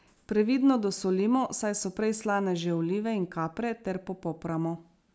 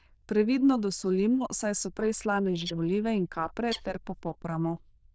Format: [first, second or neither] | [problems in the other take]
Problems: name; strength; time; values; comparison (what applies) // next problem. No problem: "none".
first | noise reduction (neural diffusion model UNIVERSE++)